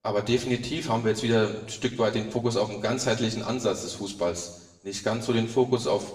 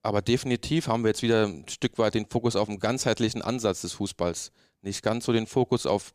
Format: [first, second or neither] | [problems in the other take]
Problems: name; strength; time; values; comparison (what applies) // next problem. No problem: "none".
second | room echo; slight; dies away in 0.9 s // off-mic speech; far